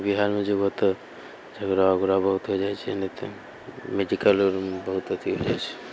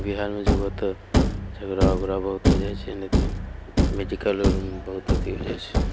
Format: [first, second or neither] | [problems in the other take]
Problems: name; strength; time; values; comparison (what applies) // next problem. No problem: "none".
first | background sound (Thump, thud); 5 dB above the speech